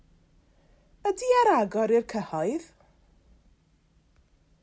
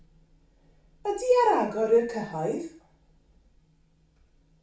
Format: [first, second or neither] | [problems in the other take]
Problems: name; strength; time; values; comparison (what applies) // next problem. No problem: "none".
first | background sound (Telephone); 20 dB below the speech // room echo; dies away in 0.4 s